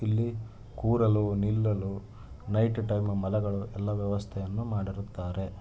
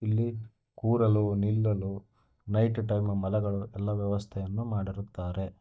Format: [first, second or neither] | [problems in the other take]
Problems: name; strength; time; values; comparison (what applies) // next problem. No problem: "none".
first | noise reduction (neural mask model DeepFilterNet 3)